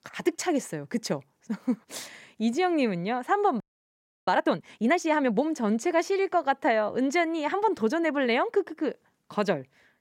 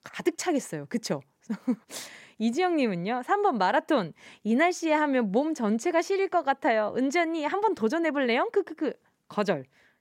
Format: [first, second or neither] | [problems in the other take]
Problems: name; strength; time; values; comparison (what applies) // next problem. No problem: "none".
second | audio freezing; at 3.5 s for 0.5 s